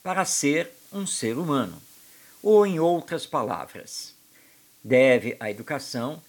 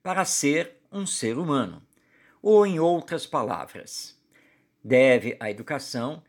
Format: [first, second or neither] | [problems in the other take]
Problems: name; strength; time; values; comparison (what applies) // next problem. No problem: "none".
second | hiss; faint; throughout; 25 dB below the speech